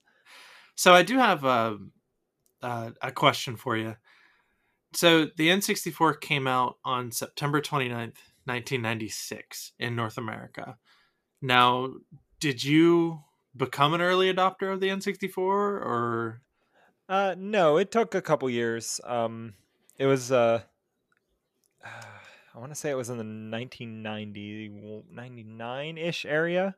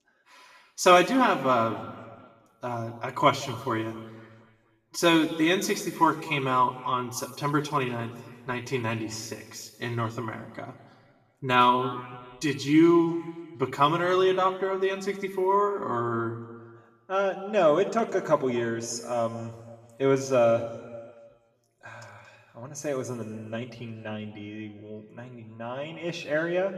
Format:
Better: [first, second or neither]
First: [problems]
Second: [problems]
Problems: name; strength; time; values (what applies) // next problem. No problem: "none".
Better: first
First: none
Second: room echo; slight; dies away in 1.4 s // off-mic speech; somewhat distant